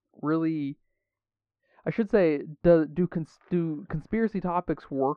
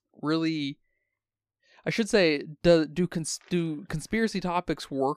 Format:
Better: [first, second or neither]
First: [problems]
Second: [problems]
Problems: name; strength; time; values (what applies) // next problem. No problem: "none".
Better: second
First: muffled; very; fading above 4 kHz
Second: none